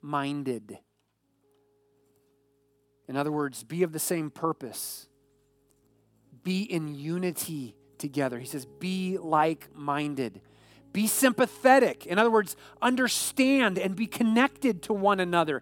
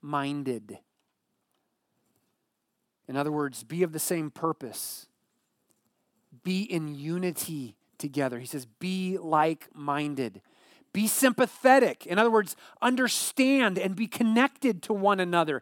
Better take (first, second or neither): second